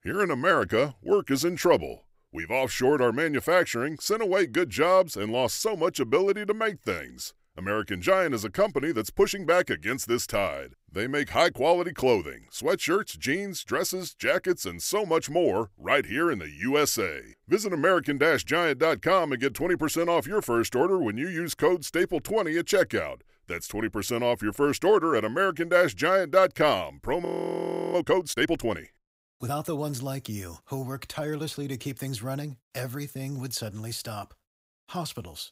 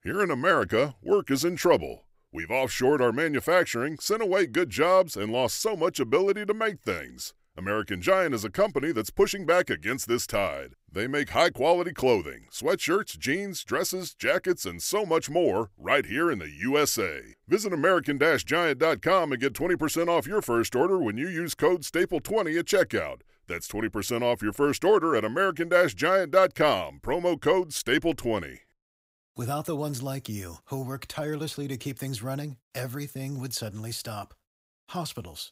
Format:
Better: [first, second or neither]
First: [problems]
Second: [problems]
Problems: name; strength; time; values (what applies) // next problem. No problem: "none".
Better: second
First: audio freezing; at 27 s for 0.5 s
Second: none